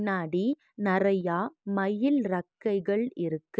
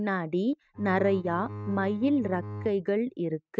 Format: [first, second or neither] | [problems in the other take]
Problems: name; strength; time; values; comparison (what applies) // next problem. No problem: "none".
first | noise reduction (neural mask model RNNoise)